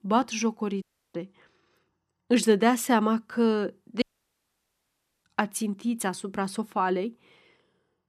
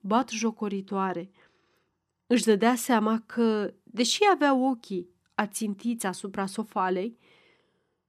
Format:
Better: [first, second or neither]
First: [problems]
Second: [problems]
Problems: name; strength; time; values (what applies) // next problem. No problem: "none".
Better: second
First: audio cutting out; at 1 s and at 4 s for 1 s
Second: none